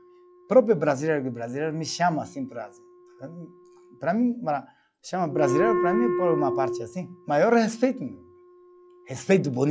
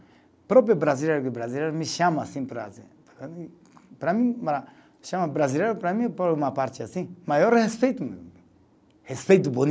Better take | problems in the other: second | noise reduction (classical method log-MMSE)

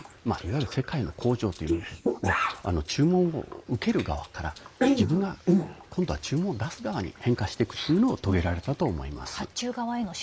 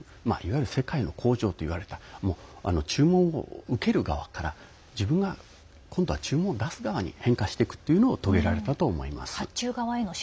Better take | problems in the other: second | noise reduction (neural mask model Resemble Enhance denoiser)

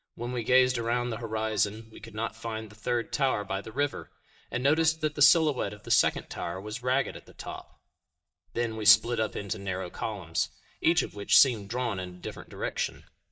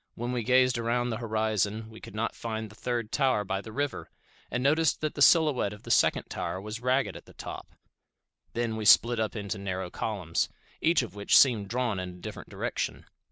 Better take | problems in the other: second | noise reduction (neural mask model DeepFilterNet 3)

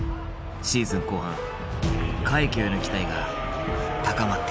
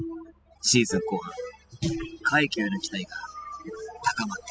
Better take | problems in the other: first | noise reduction (classical method spectral subtraction)

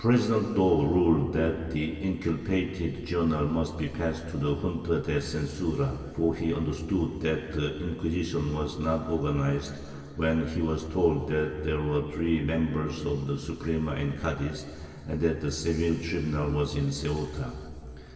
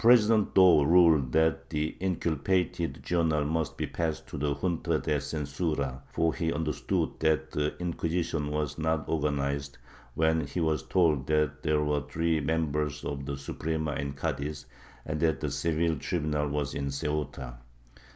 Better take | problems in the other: second | room echo; dies away in 2.6 s

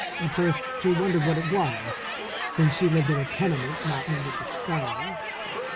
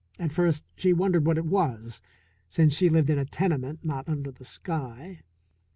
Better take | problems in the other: second | background sound (Crowd); 5 dB below the speech

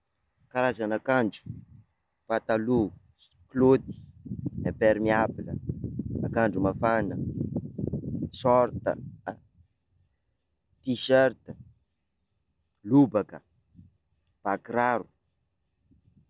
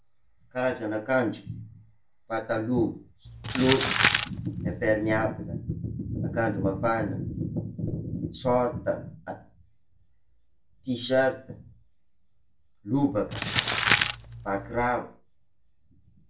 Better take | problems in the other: first | background sound (Crumpling, crinkling); 1 dB above the speech // room echo; dies away in 0.3 s

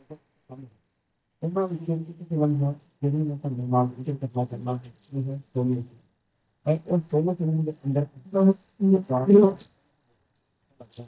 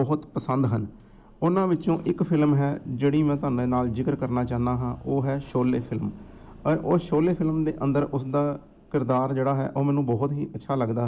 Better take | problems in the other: second | noise reduction (neural mask model DeepFilterNet 3)

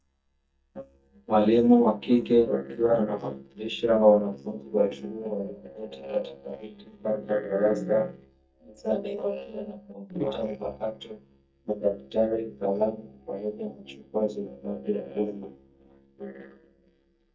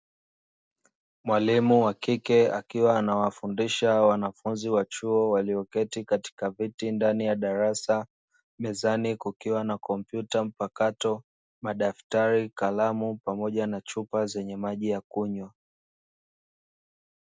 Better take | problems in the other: second | noise reduction (neural mask model DeepFilterNet 3)

